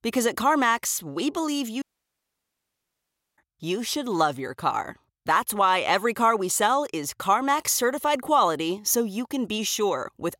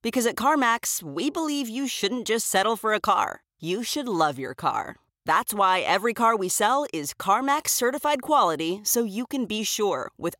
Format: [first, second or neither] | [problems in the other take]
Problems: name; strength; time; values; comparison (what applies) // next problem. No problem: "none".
second | audio cutting out; at 2 s for 1.5 s